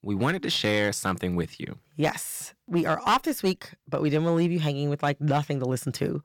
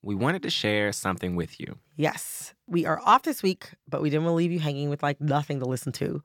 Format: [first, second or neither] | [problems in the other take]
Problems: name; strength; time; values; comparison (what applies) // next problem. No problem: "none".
second | distortion; slight; 5% of the sound clipped